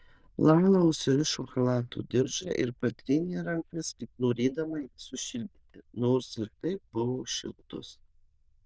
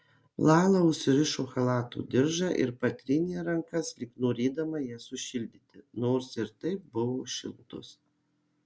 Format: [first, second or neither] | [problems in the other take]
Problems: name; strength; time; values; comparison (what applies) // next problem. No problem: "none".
second | noise reduction (neural diffusion model UNIVERSE++)